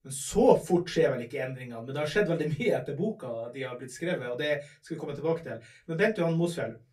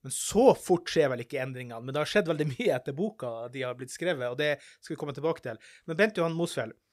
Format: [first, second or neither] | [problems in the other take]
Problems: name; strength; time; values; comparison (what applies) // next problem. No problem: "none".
second | off-mic speech; far // room echo; very slight; dies away in 0.2 s